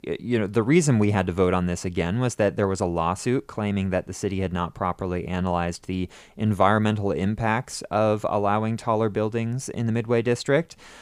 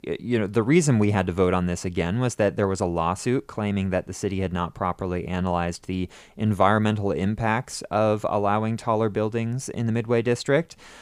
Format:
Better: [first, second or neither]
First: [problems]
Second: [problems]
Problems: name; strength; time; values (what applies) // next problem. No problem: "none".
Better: neither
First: none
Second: none